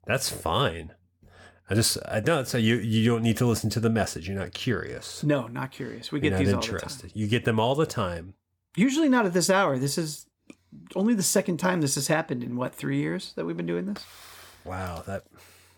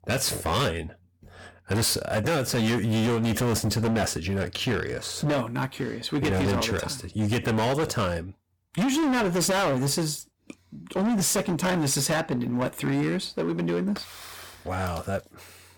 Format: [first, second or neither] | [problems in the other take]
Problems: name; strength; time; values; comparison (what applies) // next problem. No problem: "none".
first | distortion; heavy; 20% of the sound clipped